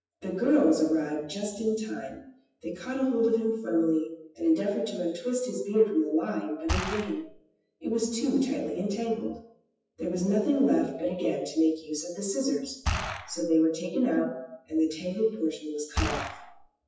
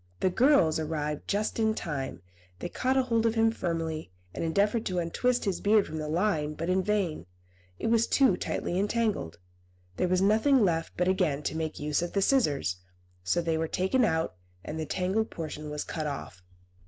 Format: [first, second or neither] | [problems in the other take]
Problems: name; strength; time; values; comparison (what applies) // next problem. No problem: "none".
second | noise reduction (classical method WPE with log-MMSE)